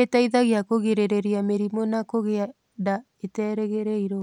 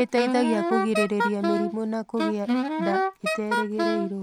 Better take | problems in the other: first | background sound (Wind instrument, woodwind instrument); as loud as the speech

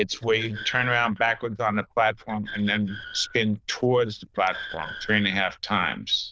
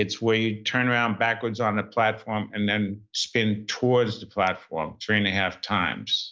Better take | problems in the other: second | noise reduction (neural diffusion model UNIVERSE++)

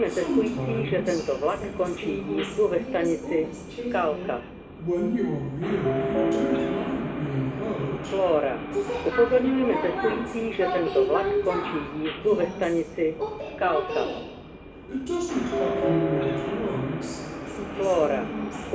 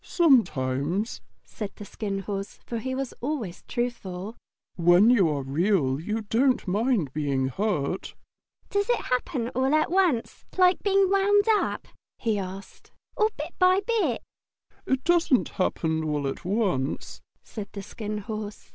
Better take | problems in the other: second | background sound (Subway, metro, underground); 3 dB above the speech // room echo; dies away in 1.1 s

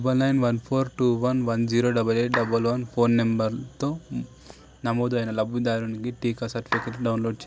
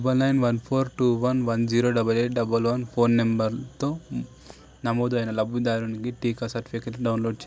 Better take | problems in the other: second | background sound (Clapping); 8 dB below the speech

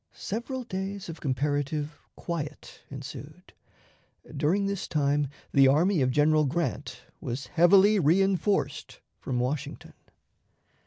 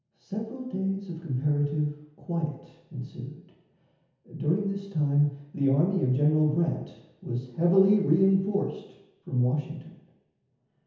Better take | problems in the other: first | room echo; dies away in 1 s

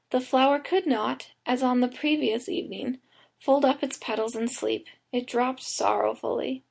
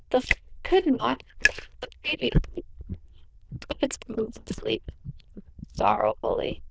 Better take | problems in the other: first | noise reduction (neural diffusion model UNIVERSE++)

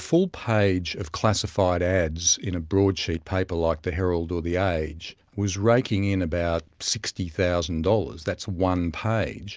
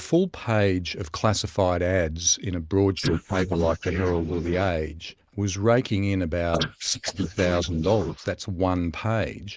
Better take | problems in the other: first | noise reduction (neural mask model Resemble Enhance denoiser)

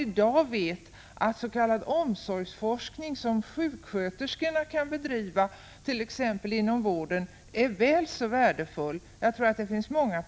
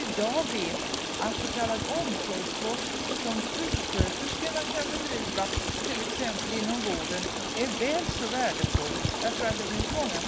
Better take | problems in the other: first | background sound (Stream); 2 dB above the speech

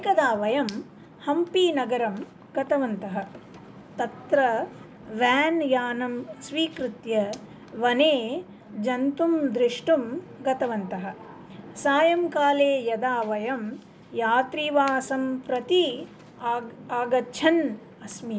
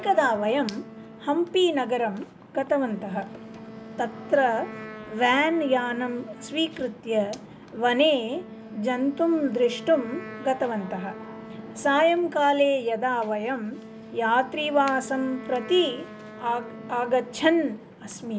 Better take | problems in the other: first | background sound (Wind instrument, woodwind instrument); 17 dB below the speech

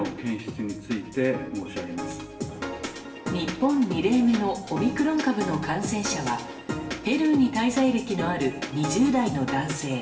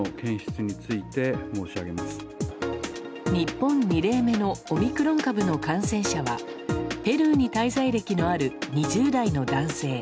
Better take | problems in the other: second | room echo; dies away in 0.8 s

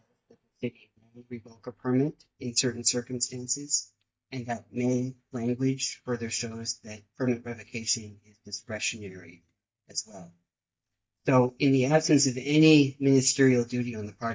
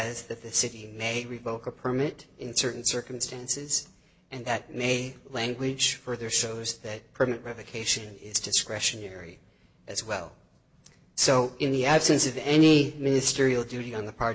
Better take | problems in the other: second | noise reduction (neural mask model DeepFilterNet 3)

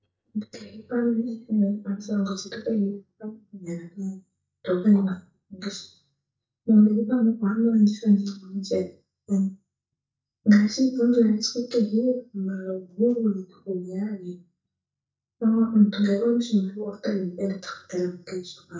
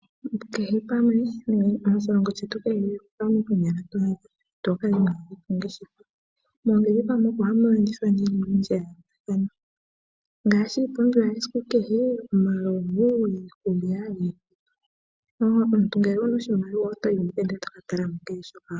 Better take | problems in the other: second | noise reduction (neural mask model DeepFilterNet 3)

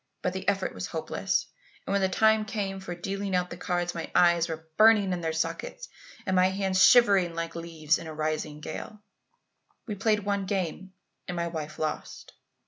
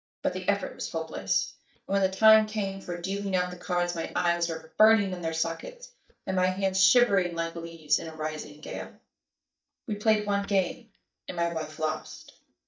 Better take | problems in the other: first | noise reduction (neural mask model DeepFilterNet 3)

